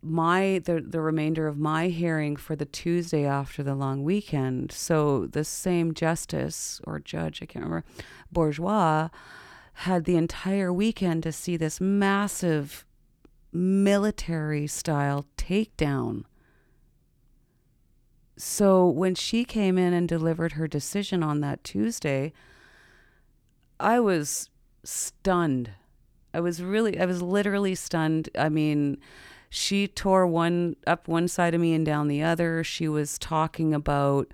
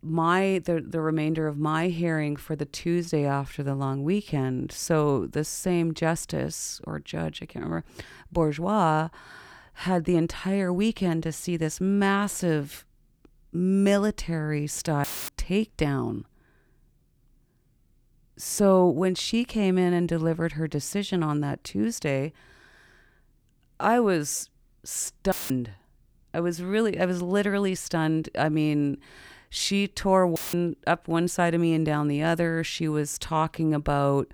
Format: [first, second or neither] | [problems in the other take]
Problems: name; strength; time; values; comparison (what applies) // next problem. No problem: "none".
first | audio cutting out; filled with static; at 15 s, at 25 s and at 30 s